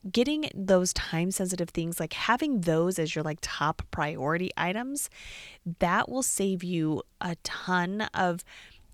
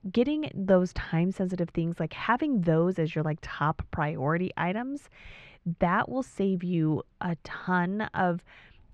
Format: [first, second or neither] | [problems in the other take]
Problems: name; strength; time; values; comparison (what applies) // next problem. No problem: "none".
first | muffled; very; fading above 2 kHz